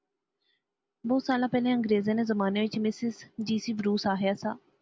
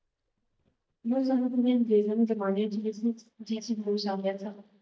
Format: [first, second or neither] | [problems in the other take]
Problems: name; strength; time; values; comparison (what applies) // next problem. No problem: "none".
first | noise reduction (neural mask model DeepFilterNet 3)